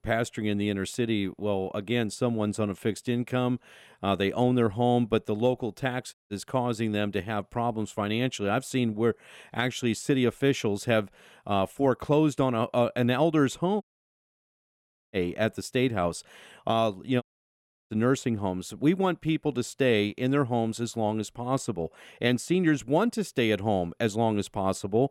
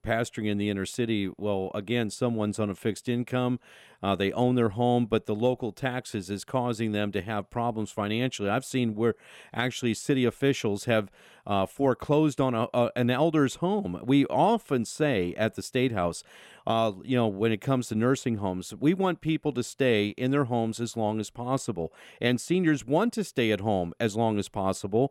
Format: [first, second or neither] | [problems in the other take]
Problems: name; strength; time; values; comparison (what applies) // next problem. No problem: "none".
second | audio cutting out; at 6 s, at 14 s for 1.5 s and at 17 s for 0.5 s